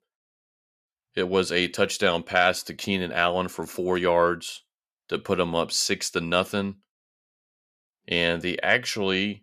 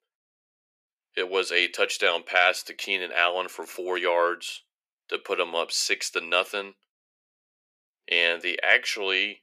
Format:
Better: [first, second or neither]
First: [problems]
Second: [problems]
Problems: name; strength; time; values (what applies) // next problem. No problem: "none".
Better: first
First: none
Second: thin; very; fading below 350 Hz